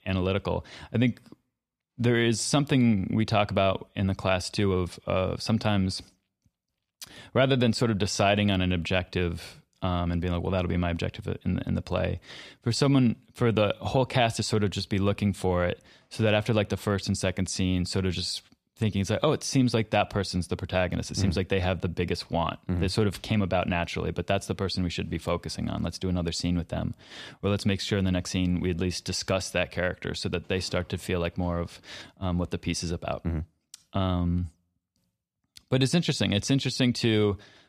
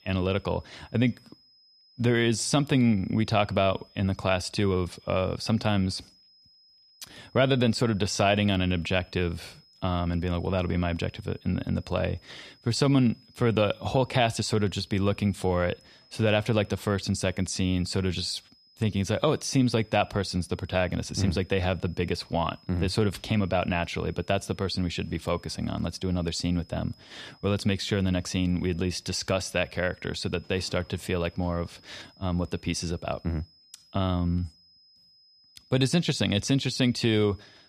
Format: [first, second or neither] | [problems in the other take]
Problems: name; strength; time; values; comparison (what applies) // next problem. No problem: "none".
first | high-pitched whine; faint; throughout; 5 kHz, 30 dB below the speech